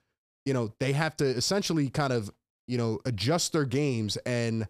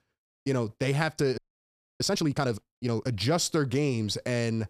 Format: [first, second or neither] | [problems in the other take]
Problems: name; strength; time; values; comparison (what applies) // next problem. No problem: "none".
first | audio freezing; at 1.5 s for 0.5 s